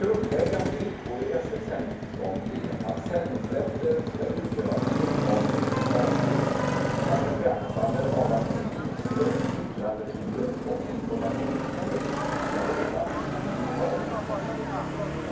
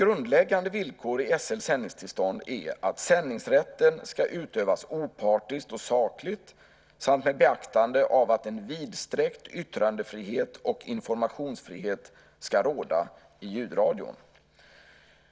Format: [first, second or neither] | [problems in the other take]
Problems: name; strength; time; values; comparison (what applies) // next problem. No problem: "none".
second | background sound (Motorcycle); 2 dB above the speech // room echo; dies away in 2.2 s